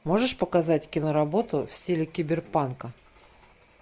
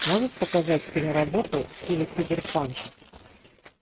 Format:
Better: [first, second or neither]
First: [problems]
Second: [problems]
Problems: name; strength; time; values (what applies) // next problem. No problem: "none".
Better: first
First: none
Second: noise reduction (neural mask model RNNoise)